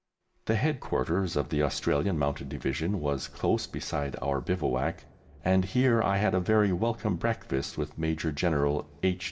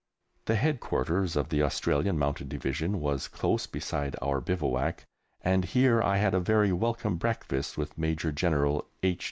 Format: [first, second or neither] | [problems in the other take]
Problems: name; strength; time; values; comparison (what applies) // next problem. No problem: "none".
second | room echo; dies away in 0.8 s